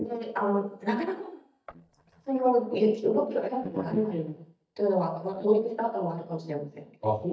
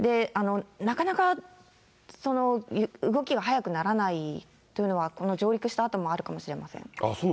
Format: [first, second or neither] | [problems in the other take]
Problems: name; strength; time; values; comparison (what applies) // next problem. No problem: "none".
second | noise reduction (neural mask model DeepFilterNet 3)